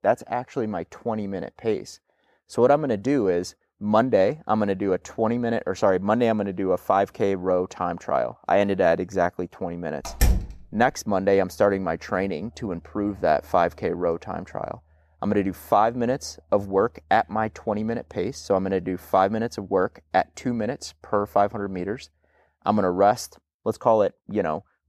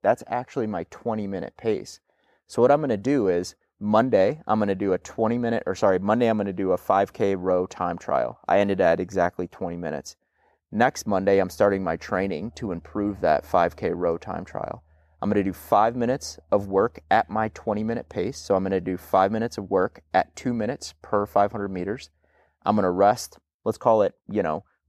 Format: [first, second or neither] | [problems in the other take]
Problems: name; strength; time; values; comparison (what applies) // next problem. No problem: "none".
second | door banging; loud; at 10 s; peak 1 dB above the speech